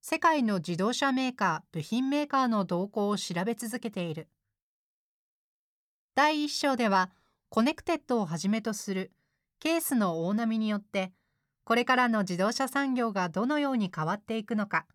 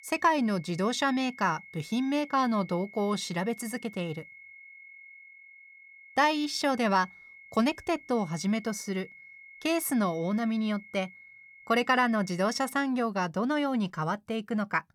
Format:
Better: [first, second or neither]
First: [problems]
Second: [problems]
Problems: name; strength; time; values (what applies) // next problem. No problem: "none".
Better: first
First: none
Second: high-pitched whine; noticeable; until 13 s; 2 kHz, 20 dB below the speech